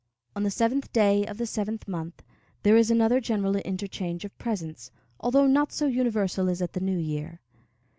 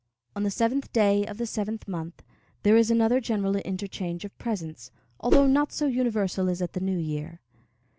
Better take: first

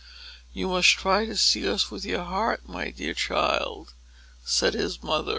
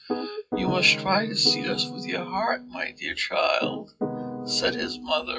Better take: first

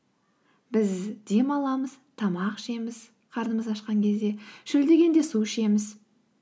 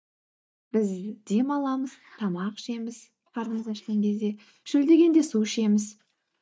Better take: first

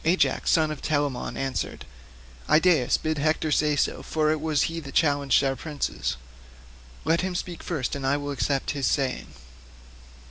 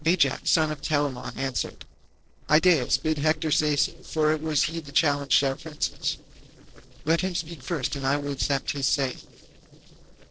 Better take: first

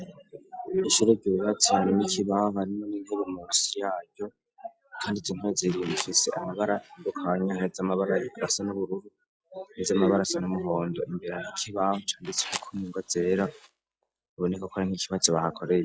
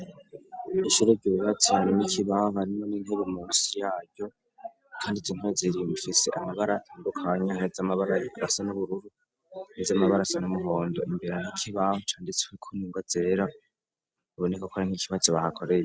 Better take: second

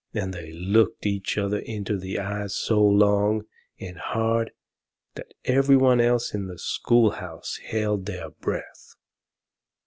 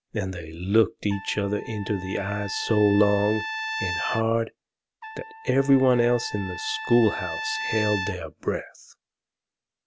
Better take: first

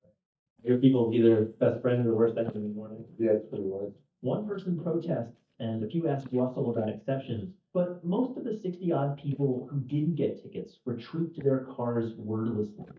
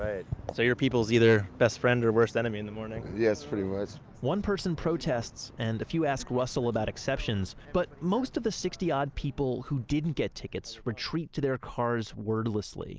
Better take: second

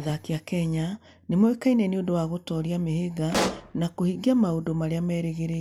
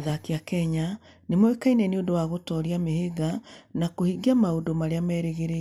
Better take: second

